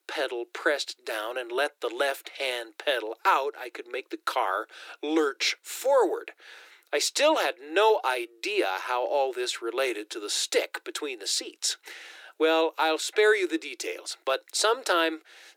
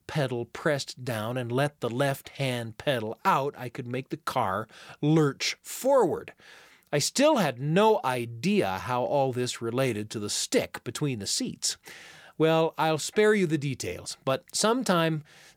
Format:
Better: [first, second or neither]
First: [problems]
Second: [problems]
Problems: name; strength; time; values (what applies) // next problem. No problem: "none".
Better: second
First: thin; very; fading below 300 Hz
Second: none